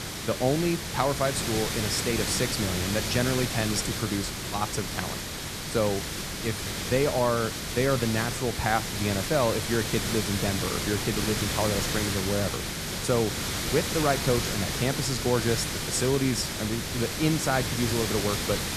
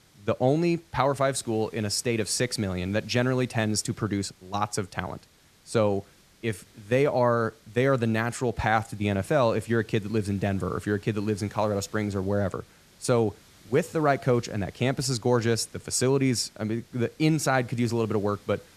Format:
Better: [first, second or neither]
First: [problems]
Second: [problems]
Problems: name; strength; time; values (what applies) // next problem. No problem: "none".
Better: second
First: hiss; loud; throughout; 2 dB below the speech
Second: hiss; faint; throughout; 30 dB below the speech